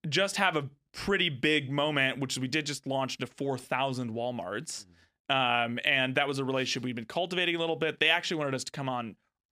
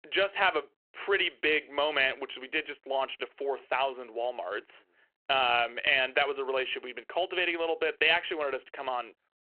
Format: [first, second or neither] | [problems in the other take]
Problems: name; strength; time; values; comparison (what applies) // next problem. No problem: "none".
first | phone-call audio